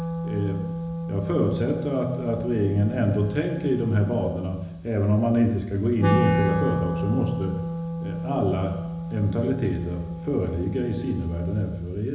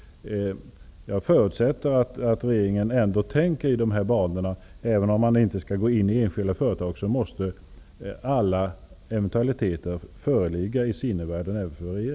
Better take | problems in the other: second | background sound (Wind instrument, woodwind instrument); 5 dB below the speech // room echo; dies away in 1 s

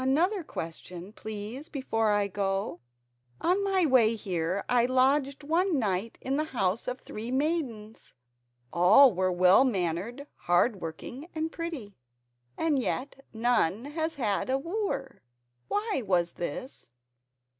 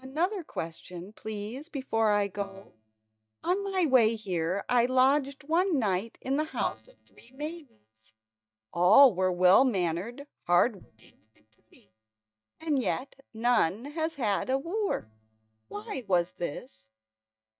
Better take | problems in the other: first | noise reduction (neural mask model DeepFilterNet 3)

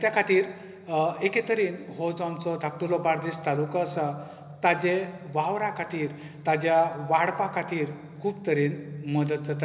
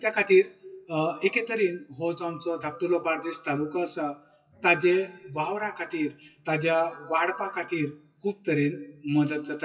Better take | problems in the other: first | noise reduction (classical method WPE with log-MMSE)

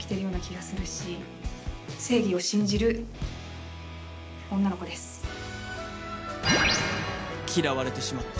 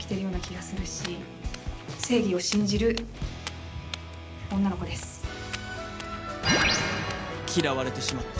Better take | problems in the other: first | background sound (Walk, footsteps); 13 dB below the speech

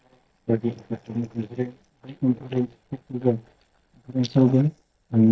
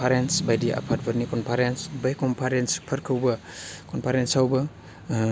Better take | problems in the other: second | noise reduction (neural mask model DeepFilterNet 3)

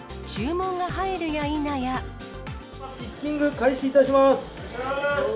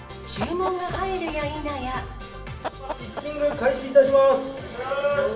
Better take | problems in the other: first | background sound (Chicken, rooster); 14 dB below the speech // room echo; dies away in 0.7 s

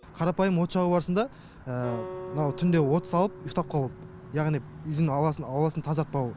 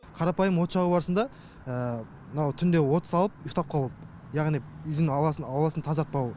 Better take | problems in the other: second | background sound (Acoustic guitar); 17 dB below the speech

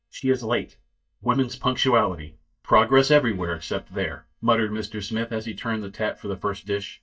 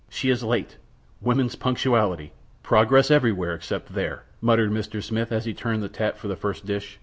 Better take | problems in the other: second | noise reduction (neural mask model DeepFilterNet 3)

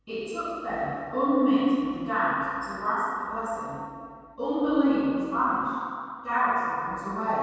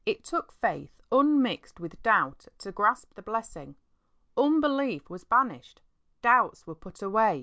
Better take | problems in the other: second | room echo; dies away in 2.1 s

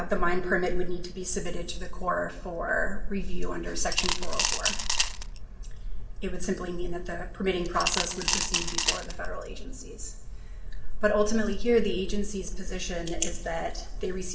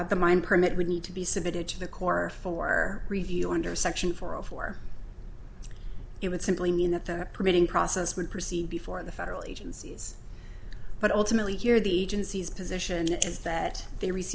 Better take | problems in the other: second | background sound (Coin (dropping) / Glass); 3 dB below the speech // room echo; dies away in 0.7 s

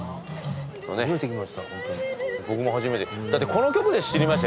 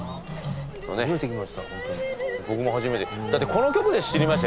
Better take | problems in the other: first | background sound (Bird); 17 dB below the speech

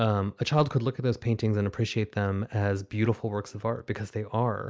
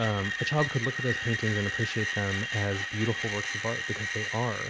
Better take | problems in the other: first | background sound (Screech); 2 dB below the speech

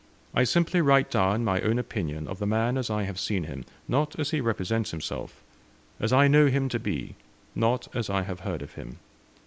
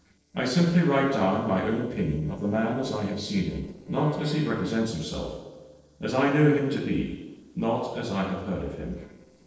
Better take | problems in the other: first | noise reduction (neural separator model SepFormer DNS4)

